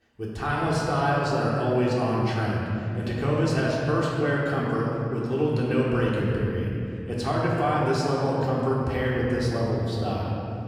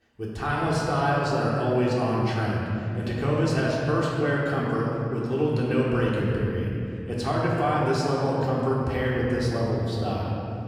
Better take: neither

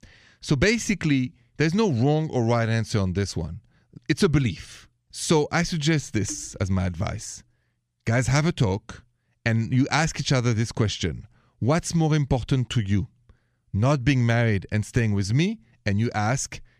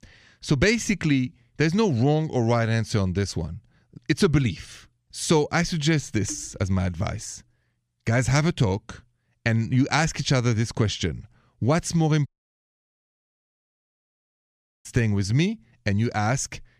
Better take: first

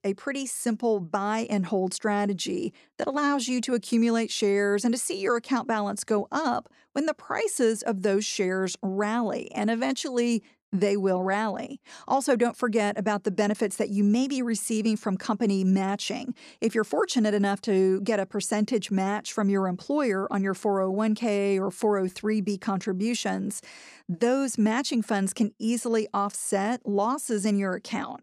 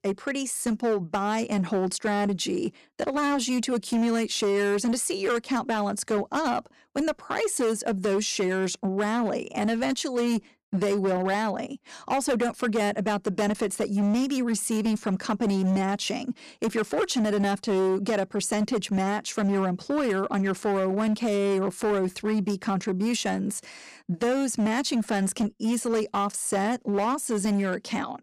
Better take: first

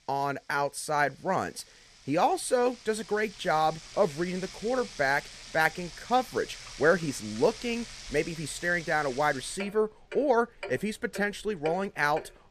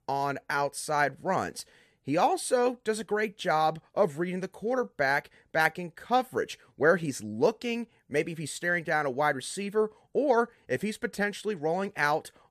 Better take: second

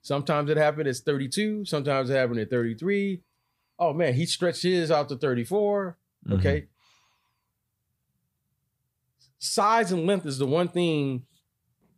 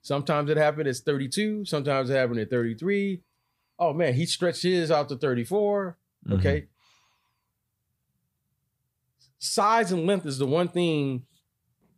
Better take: neither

